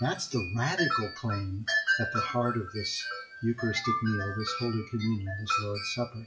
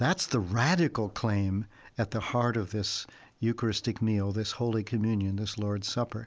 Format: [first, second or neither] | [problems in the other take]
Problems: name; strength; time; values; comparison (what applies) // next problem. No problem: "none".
second | noise reduction (classical method WPE with log-MMSE)